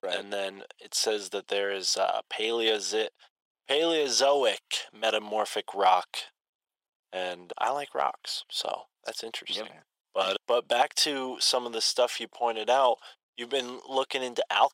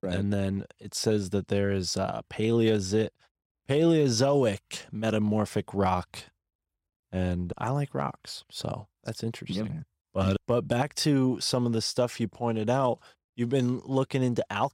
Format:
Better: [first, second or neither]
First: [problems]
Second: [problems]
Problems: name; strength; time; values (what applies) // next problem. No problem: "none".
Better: second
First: thin; very; fading below 500 Hz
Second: none